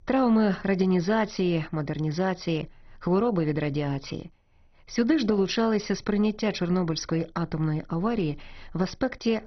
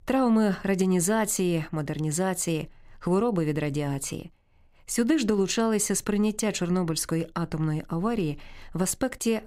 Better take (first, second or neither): second